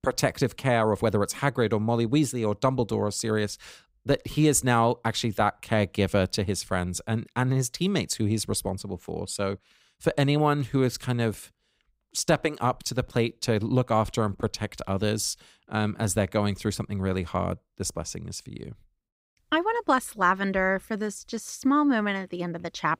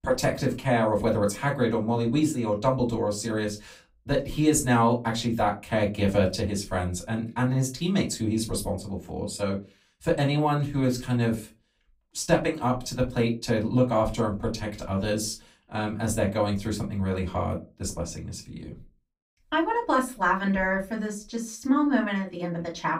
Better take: first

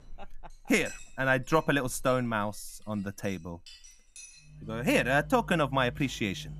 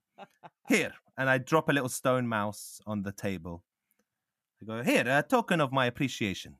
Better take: second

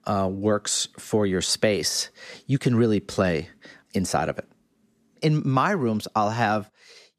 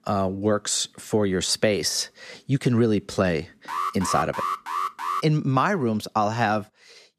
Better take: first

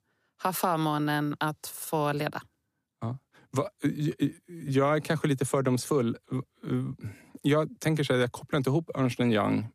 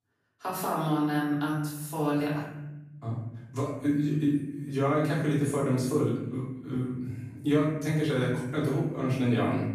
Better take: first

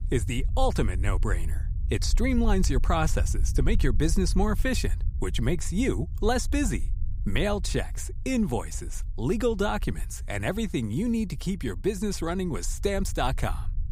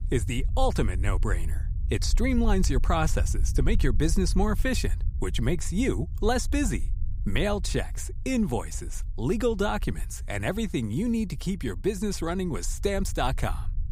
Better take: neither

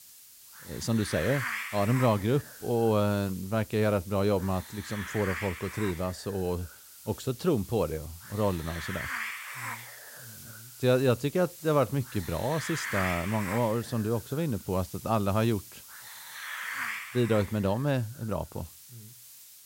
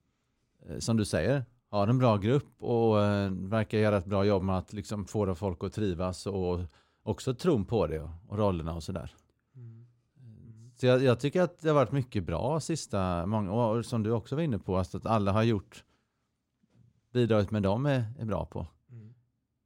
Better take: second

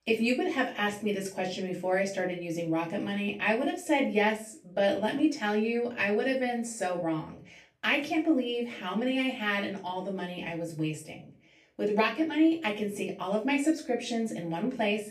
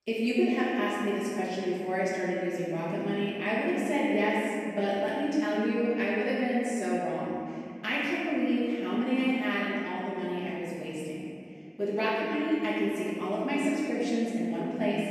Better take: first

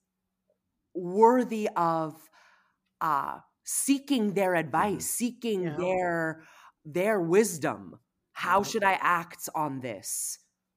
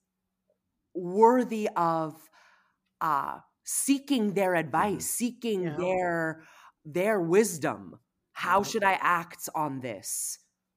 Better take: neither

